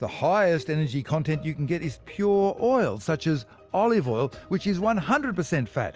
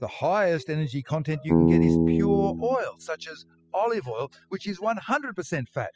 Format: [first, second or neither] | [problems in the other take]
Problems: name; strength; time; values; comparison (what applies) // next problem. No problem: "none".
first | noise reduction (classical method spectral subtraction)